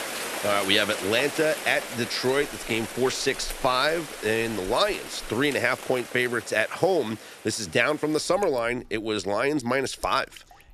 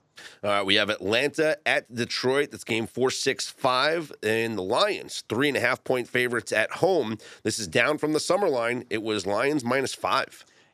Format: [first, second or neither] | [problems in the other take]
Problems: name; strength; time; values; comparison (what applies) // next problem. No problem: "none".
second | rain or running water; noticeable; throughout; 10 dB below the speech